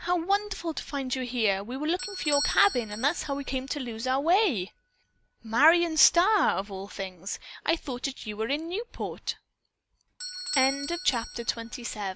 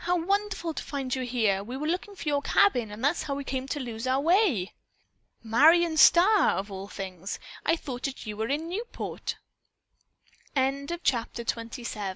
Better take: second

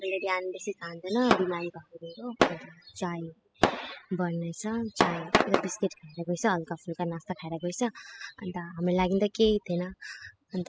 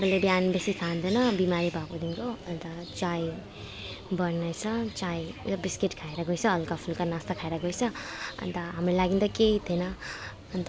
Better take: second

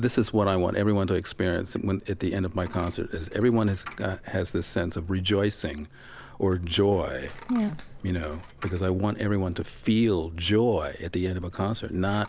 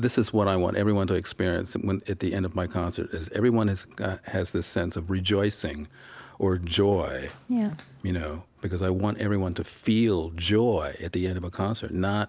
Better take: second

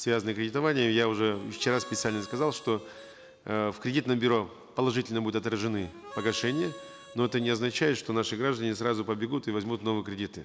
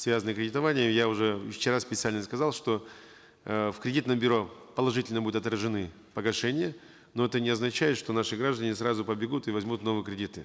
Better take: second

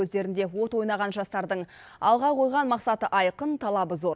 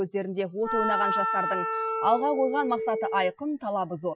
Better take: first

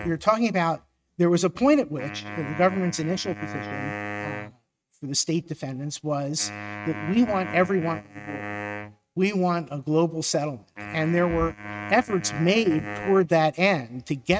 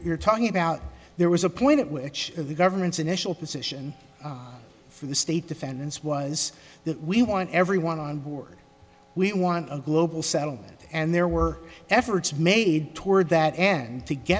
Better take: second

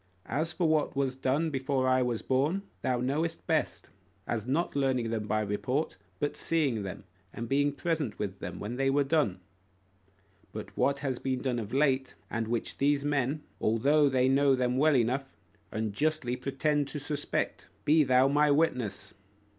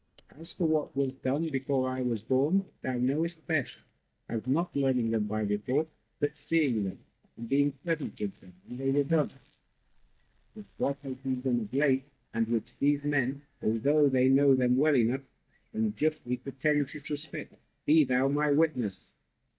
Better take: first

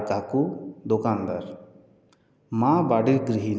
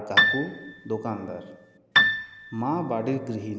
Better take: first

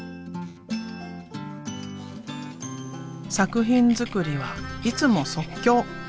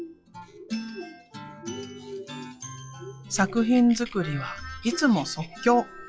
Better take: first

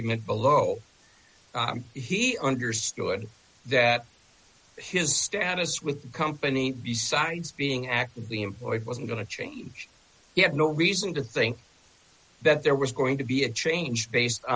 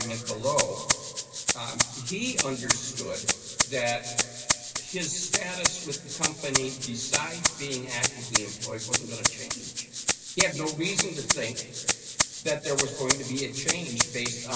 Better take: first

